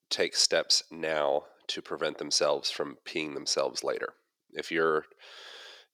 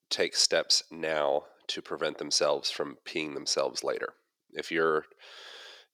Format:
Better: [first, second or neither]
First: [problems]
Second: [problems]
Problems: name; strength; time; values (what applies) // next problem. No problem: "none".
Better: neither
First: thin; somewhat; fading below 450 Hz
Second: thin; somewhat; fading below 450 Hz